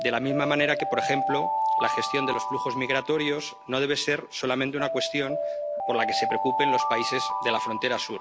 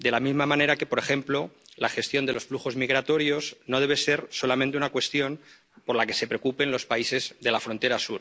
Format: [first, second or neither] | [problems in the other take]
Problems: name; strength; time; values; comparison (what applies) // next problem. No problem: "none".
second | background sound (Alarm); 1 dB below the speech